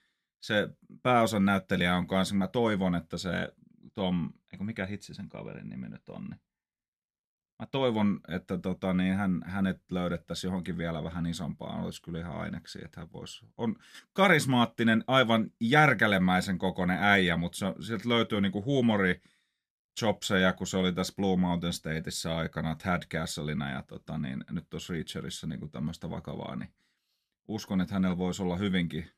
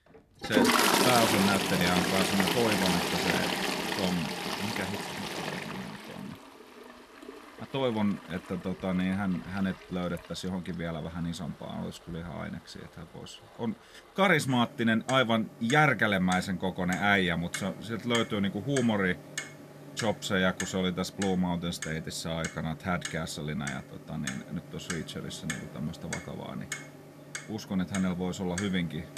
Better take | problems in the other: first | household noises; loud; throughout; 1 dB below the speech

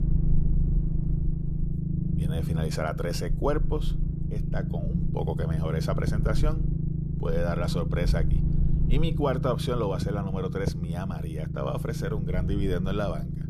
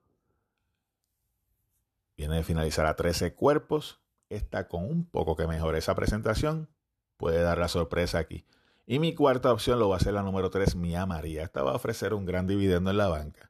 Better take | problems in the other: second | low rumble; loud; throughout; 7 dB below the speech

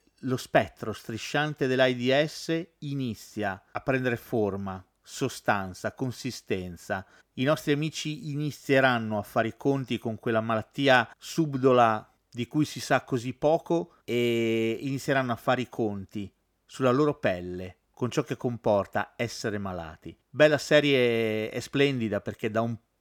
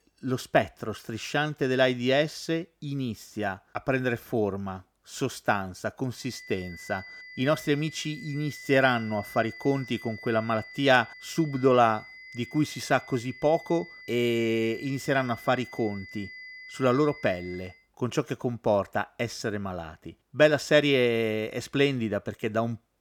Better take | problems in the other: first | high-pitched whine; noticeable; from 6.5 to 18 s; 2 kHz, 15 dB below the speech

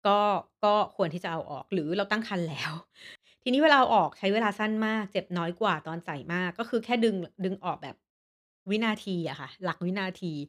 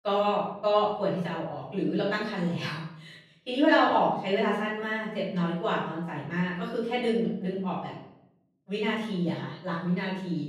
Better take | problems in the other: first | off-mic speech; far // room echo; noticeable; dies away in 0.7 s

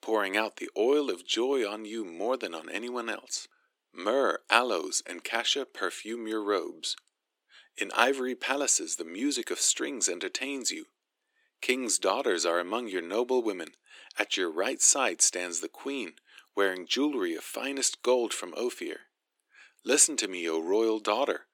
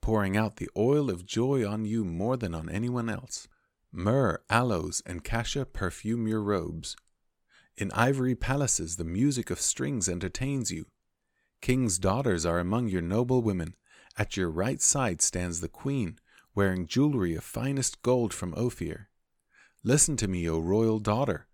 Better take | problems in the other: second | thin; somewhat; fading below 300 Hz

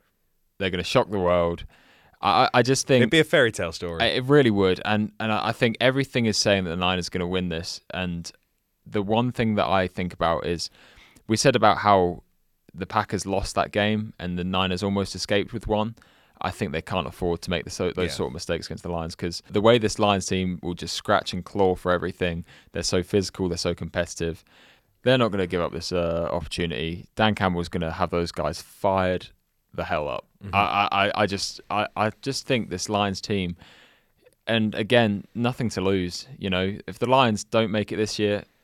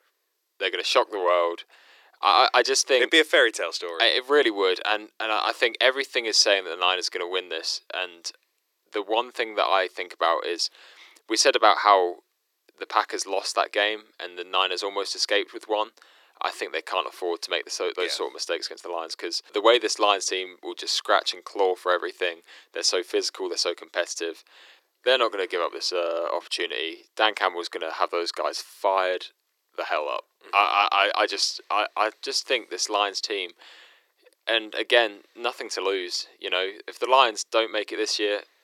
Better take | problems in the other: first | thin; very; fading below 350 Hz

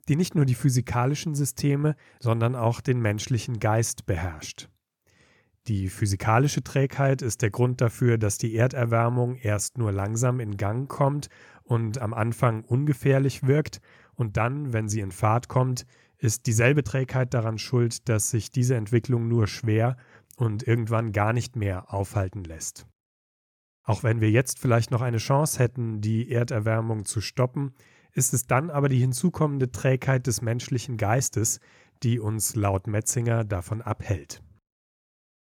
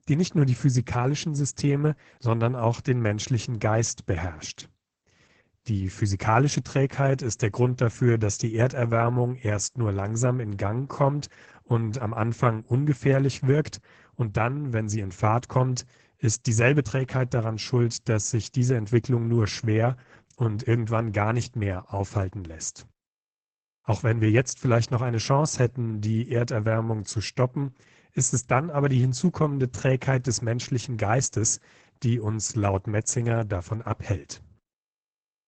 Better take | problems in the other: first | garbled, watery; badly; nothing above 8 kHz

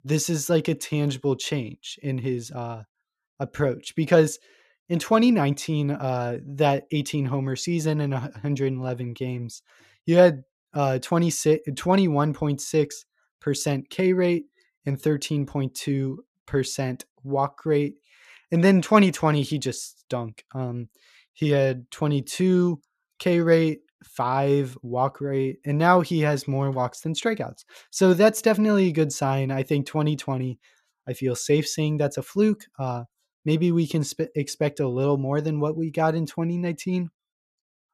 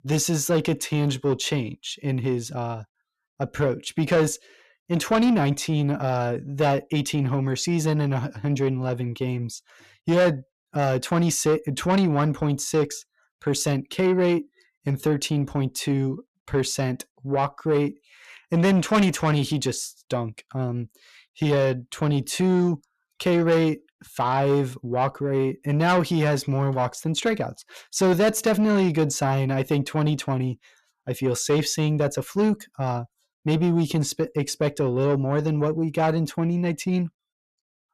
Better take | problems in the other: first | distortion; slight; 10 dB below the speech

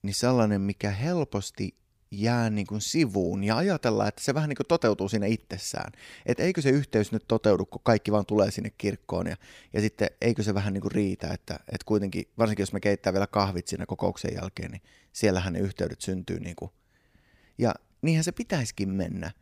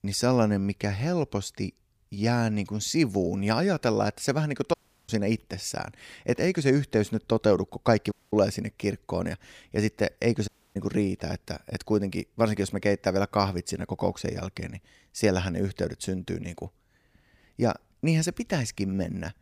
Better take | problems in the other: first | audio cutting out; at 4.5 s, at 8 s and at 10 s

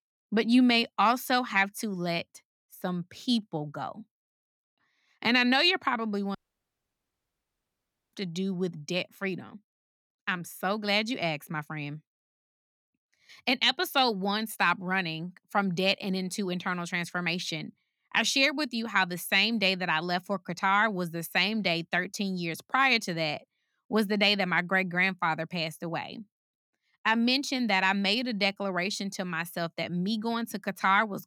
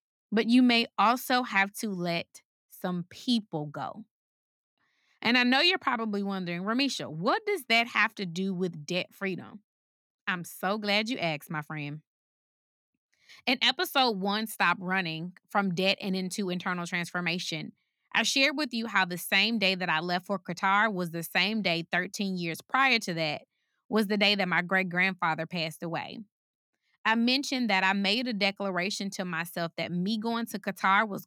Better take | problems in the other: second | audio cutting out; at 6.5 s for 2 s

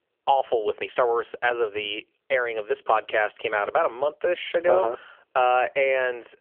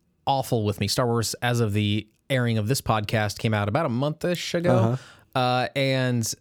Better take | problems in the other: second | phone-call audio; poor line; nothing above 3.5 kHz

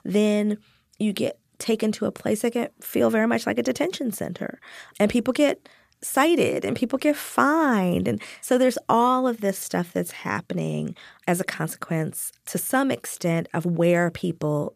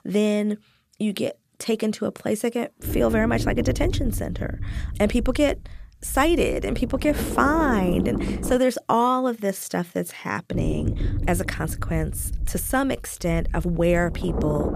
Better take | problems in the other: first | low rumble; noticeable; from 3 to 8.5 s and from 11 s on; 10 dB below the speech

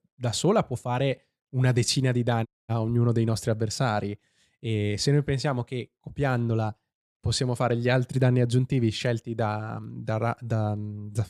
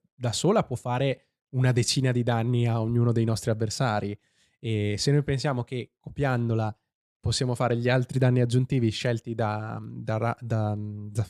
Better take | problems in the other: second | audio cutting out; at 2.5 s

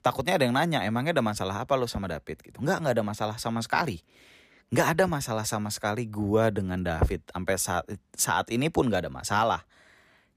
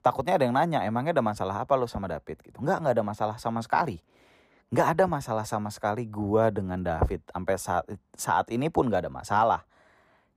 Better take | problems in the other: first | muffled; slightly; fading above 1.5 kHz

